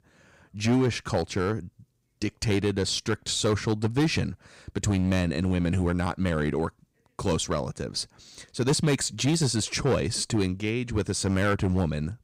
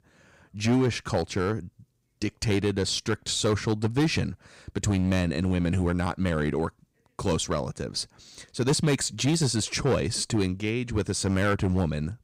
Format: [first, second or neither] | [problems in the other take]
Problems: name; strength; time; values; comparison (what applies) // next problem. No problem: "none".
neither | distortion; slight; 5% of the sound clipped; the same in both